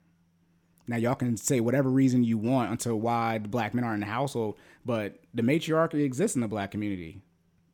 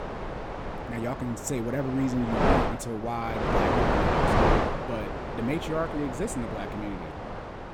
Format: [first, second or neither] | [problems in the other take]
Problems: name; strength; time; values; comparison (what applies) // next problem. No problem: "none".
first | wind noise on the microphone; heavy; 5 dB above the speech